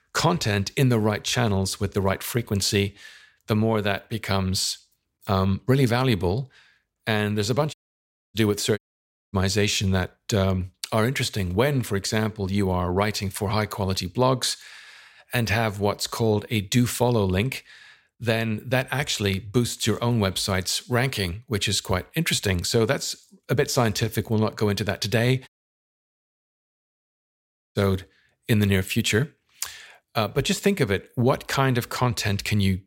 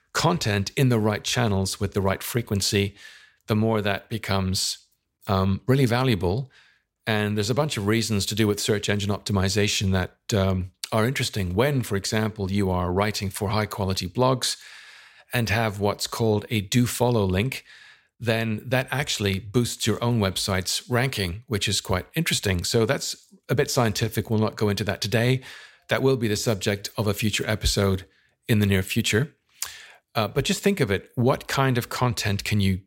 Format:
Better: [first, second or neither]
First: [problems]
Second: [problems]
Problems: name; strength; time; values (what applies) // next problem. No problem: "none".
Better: second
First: audio cutting out; at 7.5 s for 0.5 s, at 9 s for 0.5 s and at 25 s for 2.5 s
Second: none